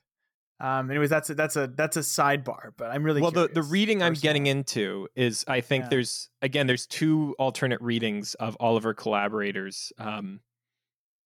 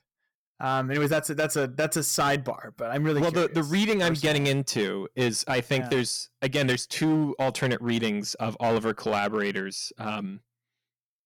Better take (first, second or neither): first